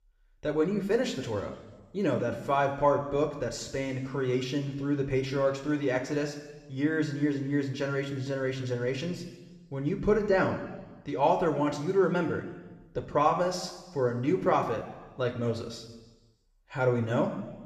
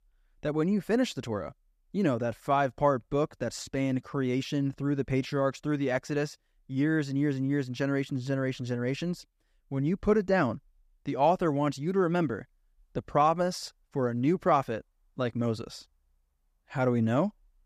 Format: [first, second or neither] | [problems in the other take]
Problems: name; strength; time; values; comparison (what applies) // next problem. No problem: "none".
second | room echo; slight; dies away in 1.1 s // off-mic speech; somewhat distant